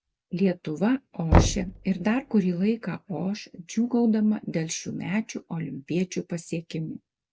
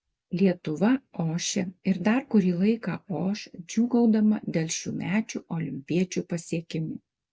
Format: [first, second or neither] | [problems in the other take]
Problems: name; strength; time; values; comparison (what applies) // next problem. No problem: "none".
second | background sound (Knock); 2 dB below the speech